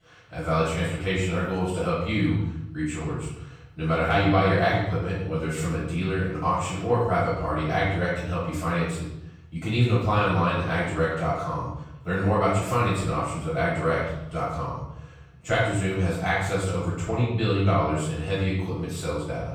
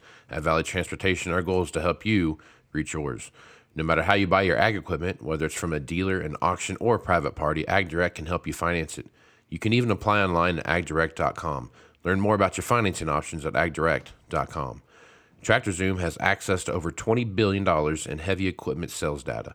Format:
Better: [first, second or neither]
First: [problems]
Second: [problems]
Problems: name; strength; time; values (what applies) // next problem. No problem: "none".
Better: second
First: off-mic speech; far // room echo; noticeable; dies away in 1 s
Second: none